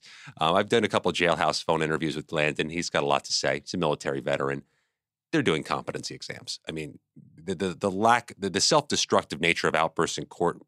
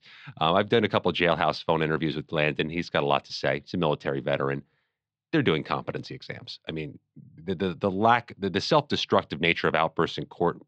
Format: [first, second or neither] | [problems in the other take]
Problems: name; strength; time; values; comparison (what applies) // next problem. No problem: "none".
first | muffled; slightly; fading above 4 kHz